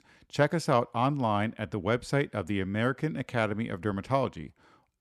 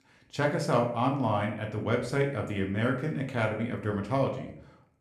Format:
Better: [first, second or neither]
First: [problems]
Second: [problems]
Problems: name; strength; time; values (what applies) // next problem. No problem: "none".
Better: first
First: none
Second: room echo; slight; dies away in 0.5 s // off-mic speech; somewhat distant